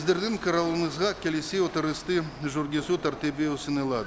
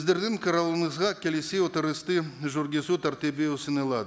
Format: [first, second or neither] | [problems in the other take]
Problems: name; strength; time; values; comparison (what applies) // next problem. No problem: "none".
second | background sound (Rattle / Chatter / Hiss / Engine / Mechanisms); 15 dB below the speech